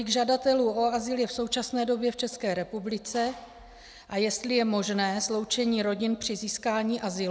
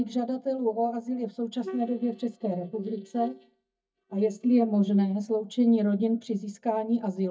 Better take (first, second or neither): first